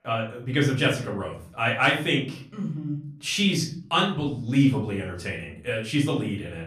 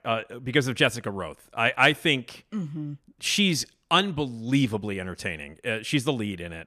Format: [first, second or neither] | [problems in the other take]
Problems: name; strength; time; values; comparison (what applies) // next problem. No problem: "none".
second | off-mic speech; far // room echo; slight; dies away in 0.5 s